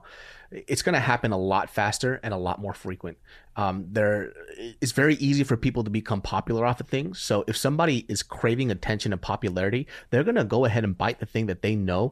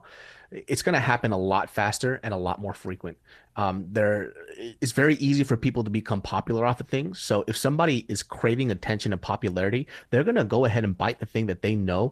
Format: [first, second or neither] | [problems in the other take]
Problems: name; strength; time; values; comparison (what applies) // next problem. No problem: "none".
first | garbled, watery; slightly; nothing above 14.5 kHz